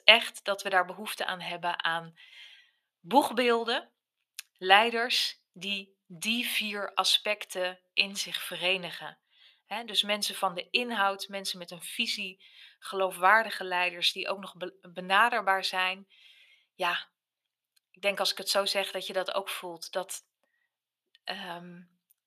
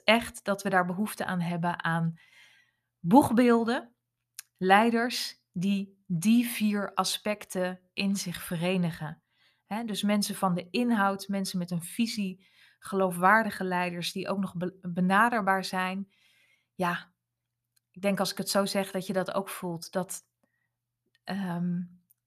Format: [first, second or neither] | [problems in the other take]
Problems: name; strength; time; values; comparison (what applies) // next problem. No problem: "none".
second | thin; somewhat; fading below 450 Hz